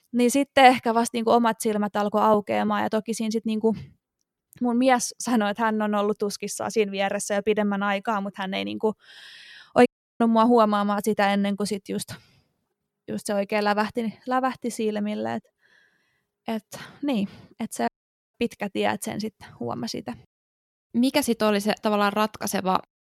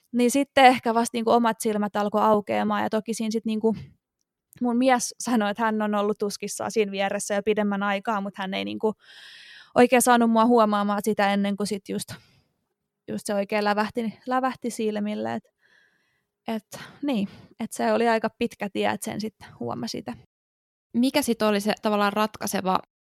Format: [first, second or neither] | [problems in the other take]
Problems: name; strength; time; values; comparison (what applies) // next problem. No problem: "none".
second | audio cutting out; at 10 s and at 18 s